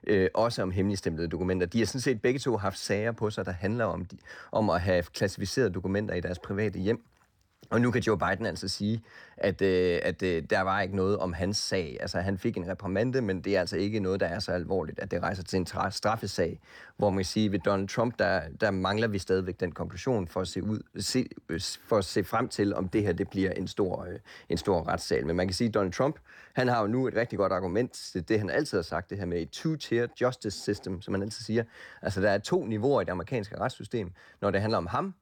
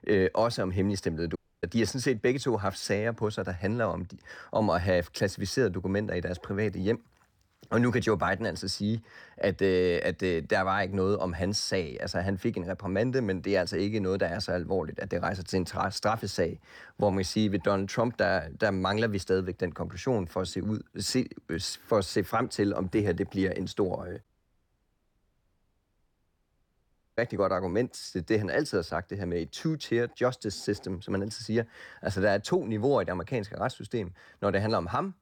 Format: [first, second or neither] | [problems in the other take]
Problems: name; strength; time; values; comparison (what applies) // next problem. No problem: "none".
first | audio cutting out; at 1.5 s and at 24 s for 3 s